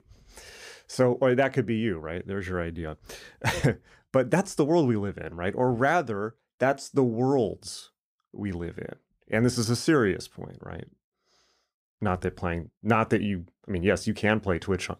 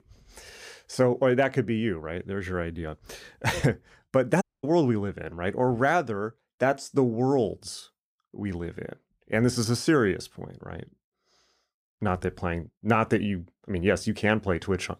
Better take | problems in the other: first | audio cutting out; at 4.5 s

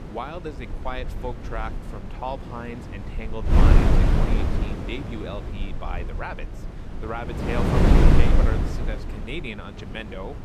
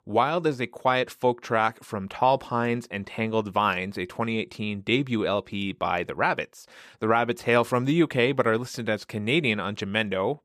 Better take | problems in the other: second | wind noise on the microphone; heavy; 3 dB above the speech

